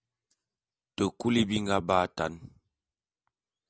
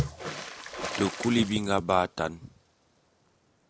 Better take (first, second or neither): first